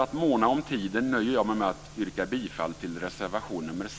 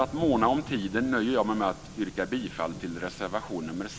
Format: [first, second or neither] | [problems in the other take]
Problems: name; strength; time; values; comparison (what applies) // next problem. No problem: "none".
first | background sound (Thunder); 16 dB below the speech